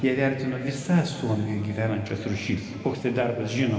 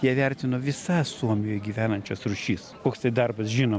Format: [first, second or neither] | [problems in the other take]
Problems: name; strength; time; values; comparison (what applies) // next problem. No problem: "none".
second | room echo; dies away in 2.3 s